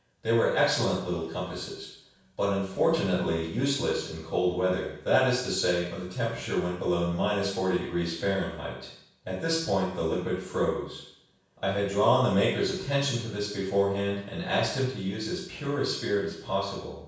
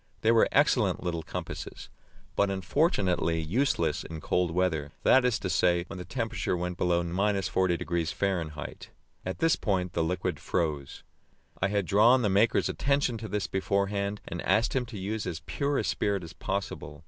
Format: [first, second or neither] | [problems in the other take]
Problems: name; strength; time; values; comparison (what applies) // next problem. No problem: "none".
second | room echo; dies away in 0.7 s